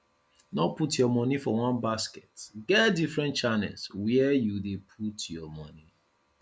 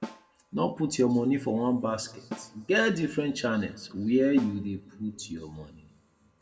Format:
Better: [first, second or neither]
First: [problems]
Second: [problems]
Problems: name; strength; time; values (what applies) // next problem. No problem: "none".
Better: first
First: none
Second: background sound (Snare drum); 19 dB below the speech // room echo; dies away in 1.2 s